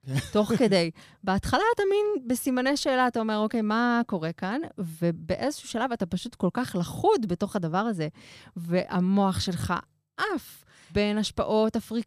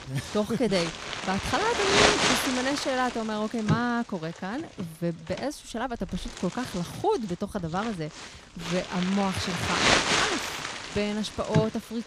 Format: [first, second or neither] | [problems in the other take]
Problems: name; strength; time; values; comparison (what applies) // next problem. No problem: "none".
first | household noises; very loud; throughout; 3 dB above the speech